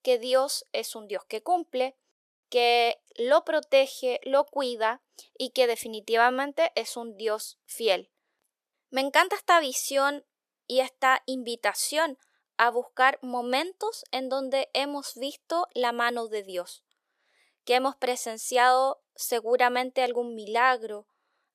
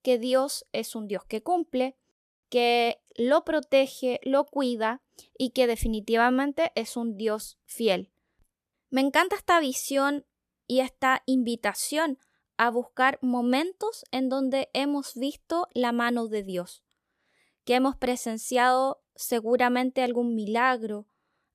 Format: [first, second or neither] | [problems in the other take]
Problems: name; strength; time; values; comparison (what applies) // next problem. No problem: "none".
second | thin; somewhat; fading below 550 Hz